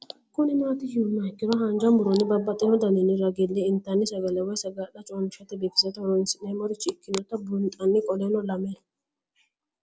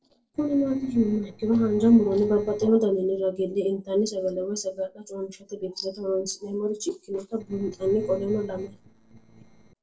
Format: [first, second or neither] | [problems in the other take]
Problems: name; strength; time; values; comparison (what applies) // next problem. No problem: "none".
first | noise reduction (neural separator model SepFormer DNS4)